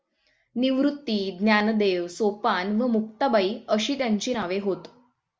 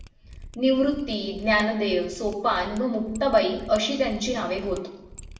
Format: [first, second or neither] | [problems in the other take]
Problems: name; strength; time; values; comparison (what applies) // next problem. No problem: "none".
first | background sound (Mechanisms); 18 dB below the speech // room echo; dies away in 0.8 s